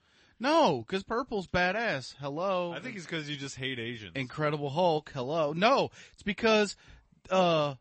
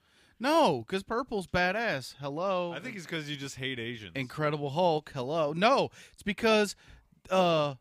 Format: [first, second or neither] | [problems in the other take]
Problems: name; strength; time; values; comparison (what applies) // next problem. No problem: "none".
second | garbled, watery; slightly; nothing above 8 kHz